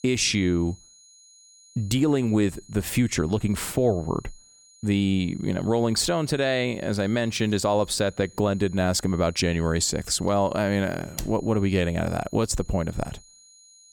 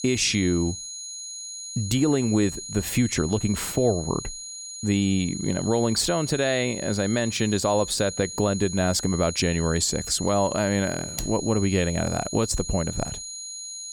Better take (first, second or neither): first